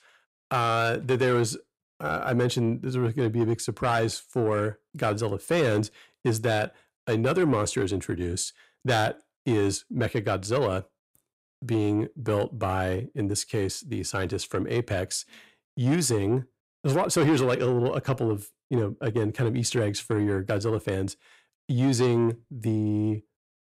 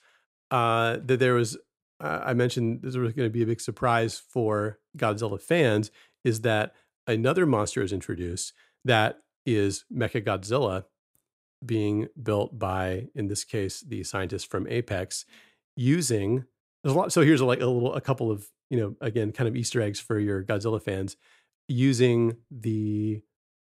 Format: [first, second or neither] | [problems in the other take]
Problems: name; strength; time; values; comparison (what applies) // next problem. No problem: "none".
second | distortion; slight; 10 dB below the speech